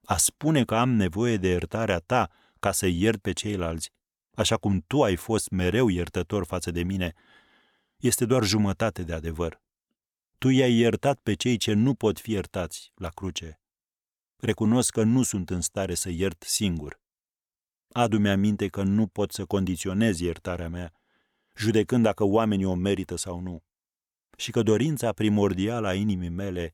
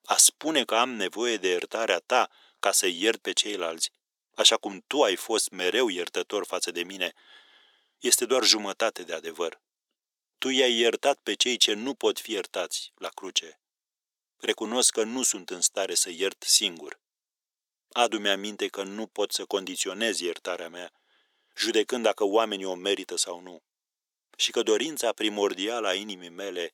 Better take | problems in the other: first | thin; somewhat; fading below 350 Hz

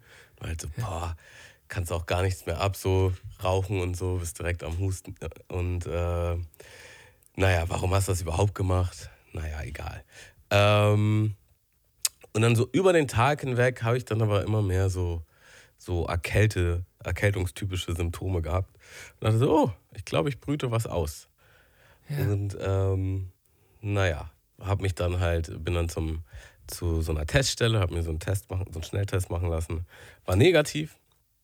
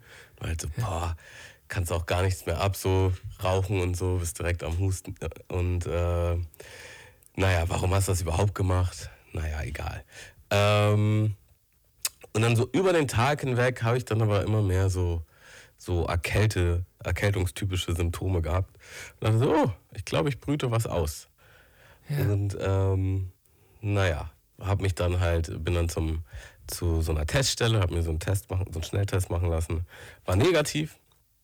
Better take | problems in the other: first | distortion; slight; 10 dB below the speech

